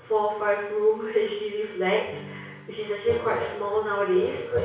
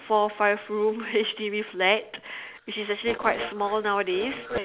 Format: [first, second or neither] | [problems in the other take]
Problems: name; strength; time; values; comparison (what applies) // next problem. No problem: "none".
second | background sound (Acoustic guitar / Strum); 20 dB below the speech // room echo; dies away in 0.6 s